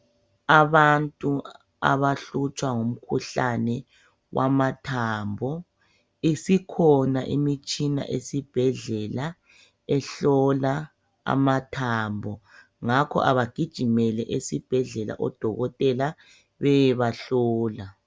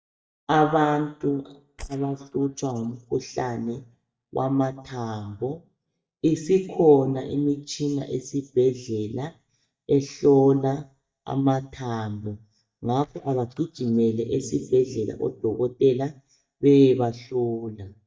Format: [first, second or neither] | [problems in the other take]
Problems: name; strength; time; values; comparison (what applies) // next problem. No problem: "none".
first | noise reduction (neural mask model DeepFilterNet 3)